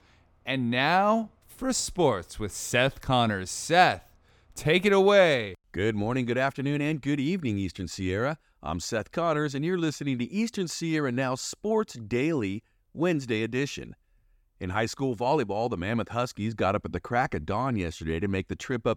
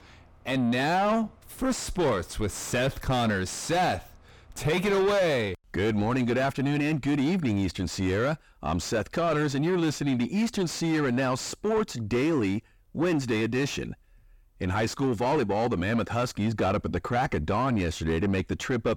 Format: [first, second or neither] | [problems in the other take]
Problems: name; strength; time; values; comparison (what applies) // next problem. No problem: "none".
first | distortion; heavy; 5 dB below the speech